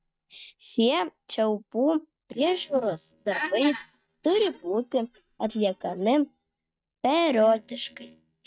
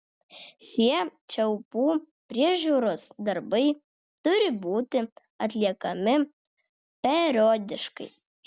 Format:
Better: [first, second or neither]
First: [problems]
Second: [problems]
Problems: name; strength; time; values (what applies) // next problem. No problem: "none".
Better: second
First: noise reduction (neural mask model DeepFilterNet 3)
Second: none